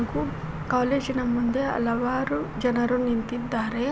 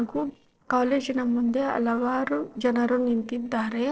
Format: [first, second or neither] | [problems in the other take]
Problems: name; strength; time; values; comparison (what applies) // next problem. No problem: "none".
first | noise reduction (neural separator model SepFormer DNS4)